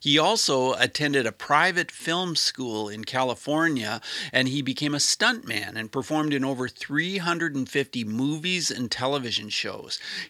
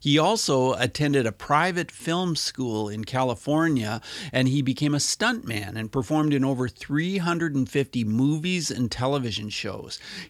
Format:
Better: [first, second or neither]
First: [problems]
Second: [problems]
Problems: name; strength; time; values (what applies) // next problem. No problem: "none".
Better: second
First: thin; very slightly; fading below 600 Hz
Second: none